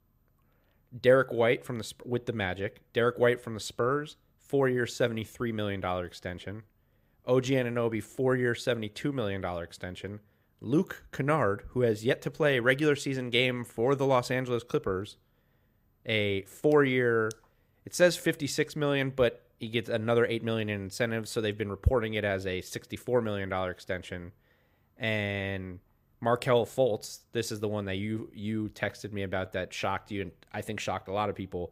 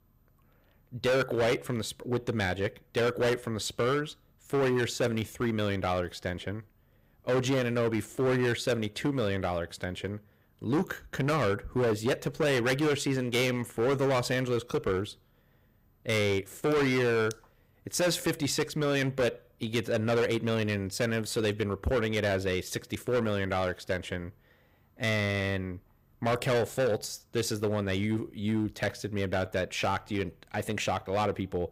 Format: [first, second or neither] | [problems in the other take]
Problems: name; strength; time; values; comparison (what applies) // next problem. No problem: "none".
first | distortion; heavy; 12% of the sound clipped